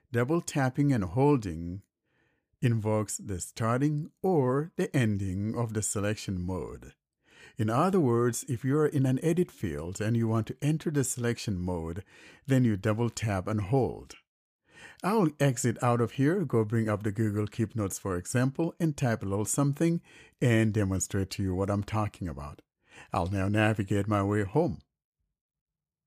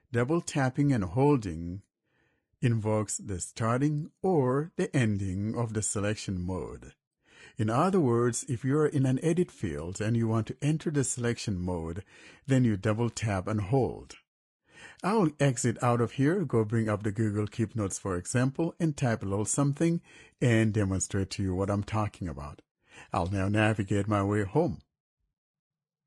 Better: first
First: none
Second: garbled, watery; slightly

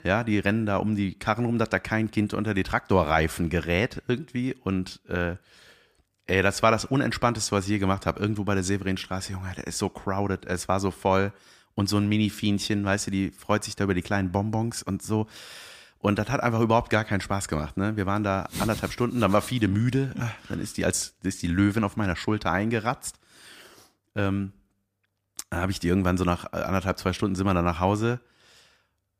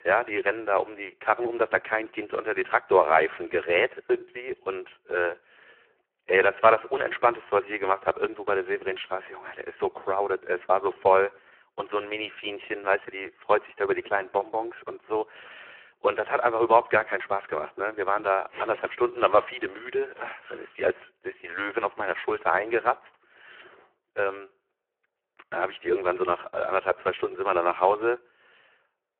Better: first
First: none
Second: phone-call audio; poor line

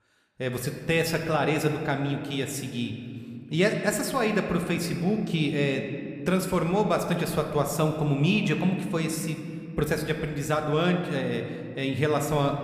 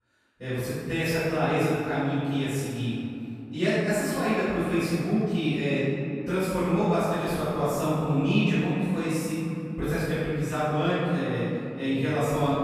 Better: first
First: room echo; slight; dies away in 2.1 s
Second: room echo; strong; dies away in 2.7 s // off-mic speech; far

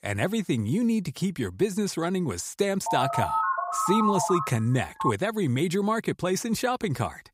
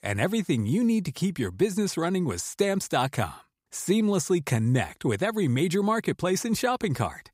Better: second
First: phone ringing; loud; from 3 to 5 s; peak 1 dB above the speech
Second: none

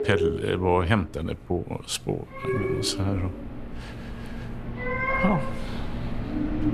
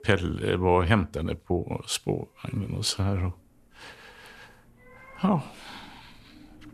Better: second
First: animal sounds; loud; throughout; 3 dB below the speech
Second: animal sounds; faint; throughout; 25 dB below the speech

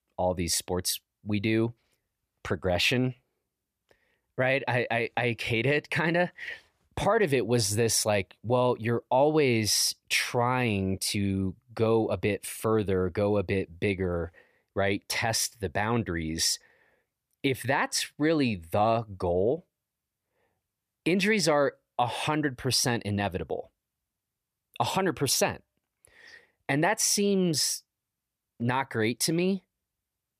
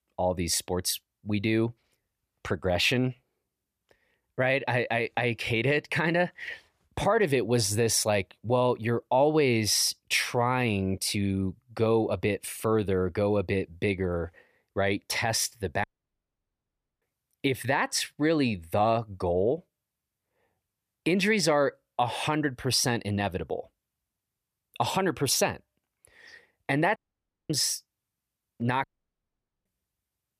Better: first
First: none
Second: audio cutting out; at 16 s for 1 s, at 27 s for 0.5 s and at 29 s for 1 s

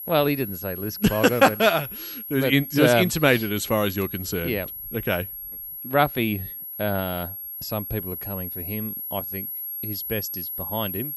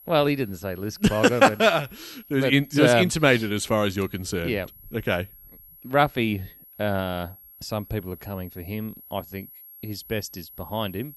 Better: second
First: high-pitched whine; loud; throughout; 11.5 kHz, 8 dB below the speech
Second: high-pitched whine; faint; throughout; 11.5 kHz, 20 dB below the speech

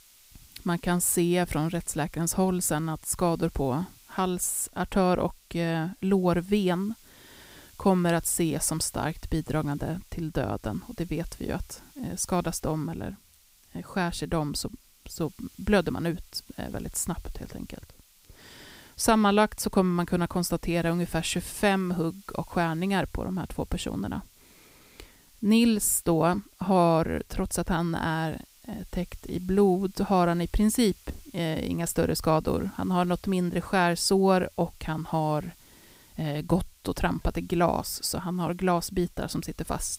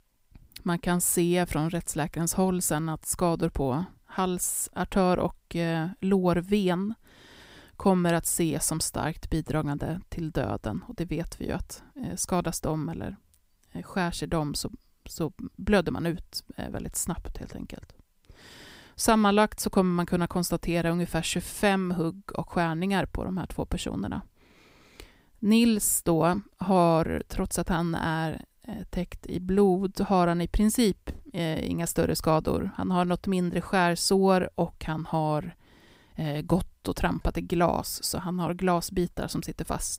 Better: second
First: hiss; faint; throughout; 25 dB below the speech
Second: none

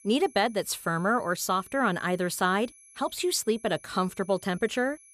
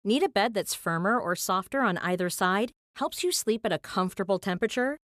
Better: second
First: high-pitched whine; faint; throughout; 11 kHz, 25 dB below the speech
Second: none

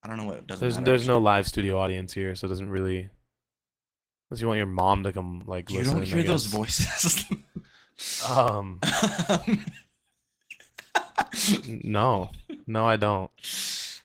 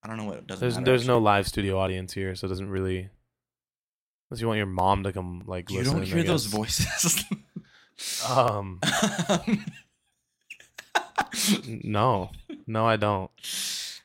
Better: second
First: garbled, watery; slightly; nothing above 16 kHz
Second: none

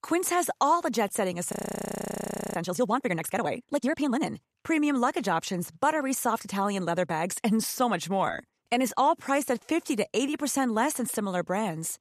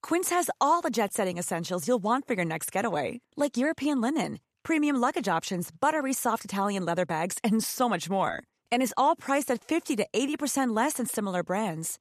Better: second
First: audio freezing; at 1.5 s for 1 s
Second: none

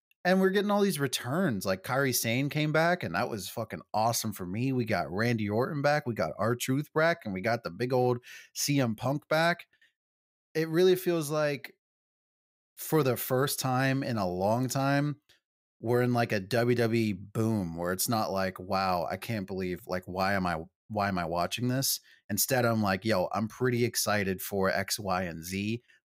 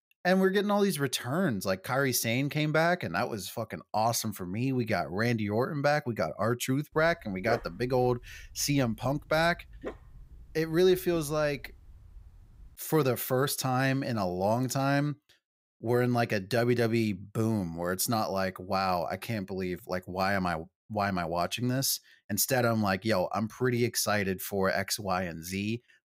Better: first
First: none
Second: dog barking; noticeable; from 7 to 13 s; peak 7 dB below the speech

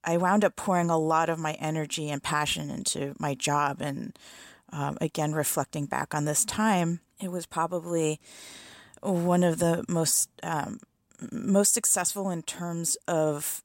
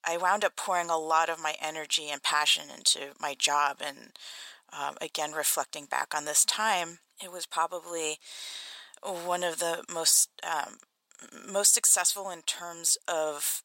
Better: first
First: none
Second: thin; very; fading below 750 Hz

